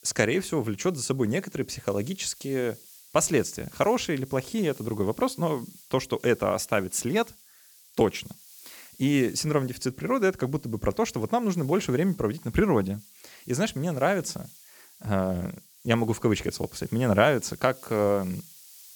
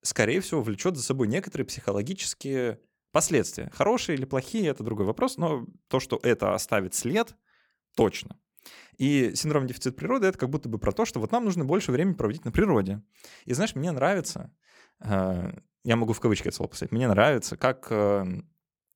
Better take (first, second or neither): second